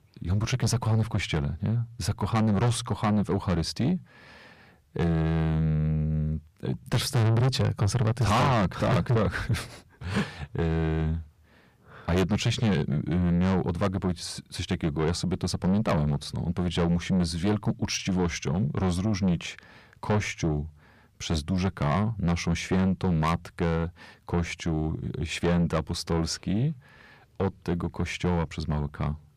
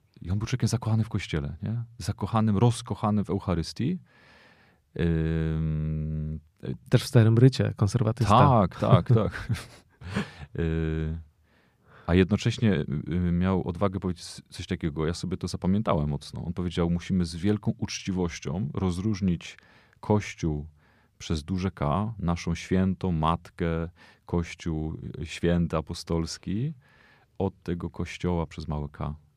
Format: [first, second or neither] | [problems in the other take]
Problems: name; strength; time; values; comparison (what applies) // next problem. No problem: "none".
second | distortion; heavy; 6 dB below the speech